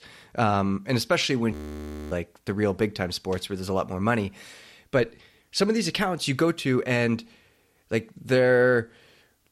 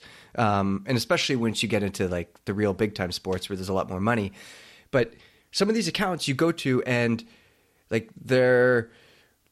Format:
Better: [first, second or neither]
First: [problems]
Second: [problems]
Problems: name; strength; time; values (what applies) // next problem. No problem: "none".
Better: second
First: audio freezing; at 1.5 s for 0.5 s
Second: none